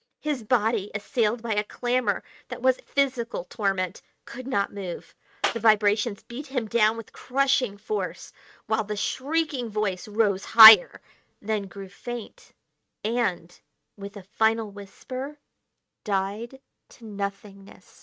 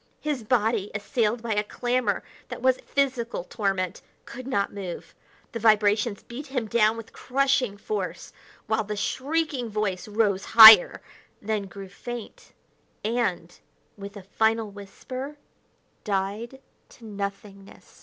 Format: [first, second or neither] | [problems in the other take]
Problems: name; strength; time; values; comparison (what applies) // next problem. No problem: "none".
second | noise reduction (neural mask model RNNoise)